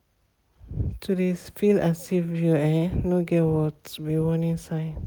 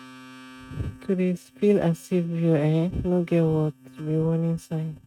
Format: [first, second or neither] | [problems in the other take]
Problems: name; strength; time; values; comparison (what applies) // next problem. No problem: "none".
first | noise reduction (neural mask model RNNoise)